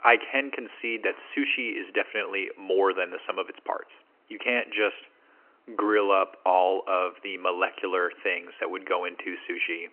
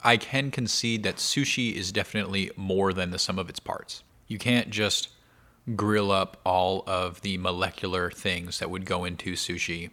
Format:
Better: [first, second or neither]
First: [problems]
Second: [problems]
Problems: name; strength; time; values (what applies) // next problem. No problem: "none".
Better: second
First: phone-call audio; nothing above 3 kHz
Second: none